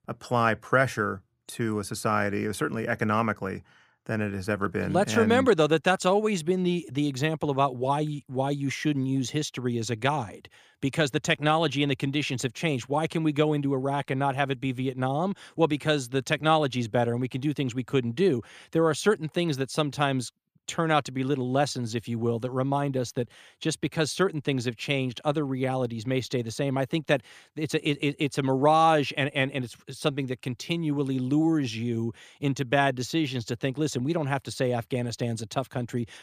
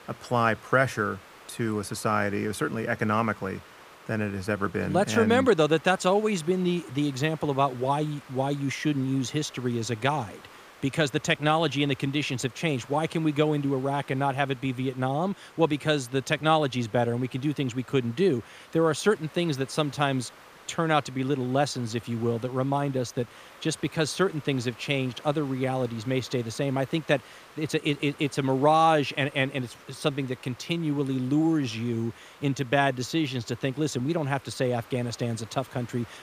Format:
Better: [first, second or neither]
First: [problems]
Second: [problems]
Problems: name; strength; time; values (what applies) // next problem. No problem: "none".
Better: first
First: none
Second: hiss; faint; throughout; 20 dB below the speech